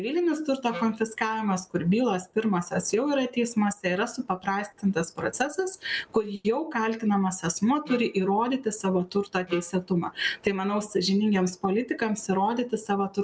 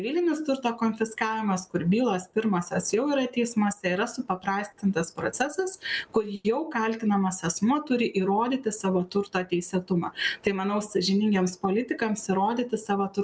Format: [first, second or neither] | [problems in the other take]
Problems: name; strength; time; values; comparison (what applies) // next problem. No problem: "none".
second | background sound (Wind instrument, woodwind instrument); 14 dB below the speech